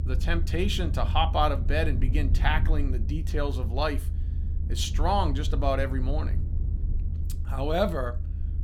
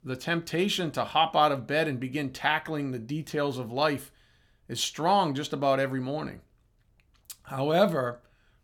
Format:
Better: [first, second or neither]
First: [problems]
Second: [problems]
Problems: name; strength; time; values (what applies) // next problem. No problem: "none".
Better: second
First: low rumble; noticeable; throughout; 15 dB below the speech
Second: none